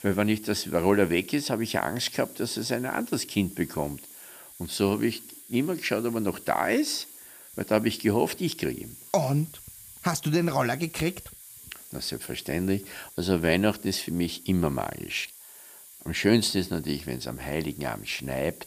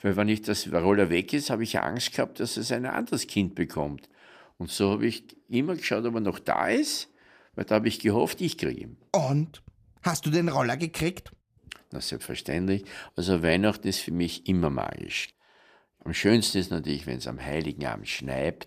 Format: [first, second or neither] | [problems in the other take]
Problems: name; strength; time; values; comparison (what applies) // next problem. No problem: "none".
second | hiss; noticeable; throughout; 15 dB below the speech